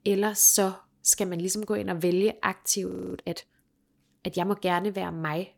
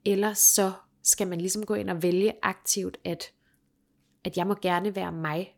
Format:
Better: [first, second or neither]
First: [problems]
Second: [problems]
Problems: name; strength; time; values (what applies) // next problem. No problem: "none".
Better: second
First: audio freezing; at 3 s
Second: none